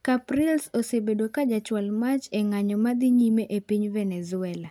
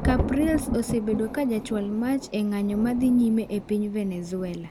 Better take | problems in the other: first | background sound (Thunder); 7 dB below the speech

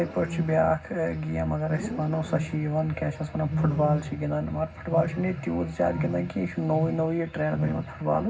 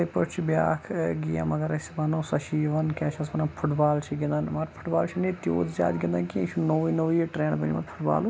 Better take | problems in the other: second | background sound (Wild animals); 8 dB below the speech // room echo; dies away in 0.4 s

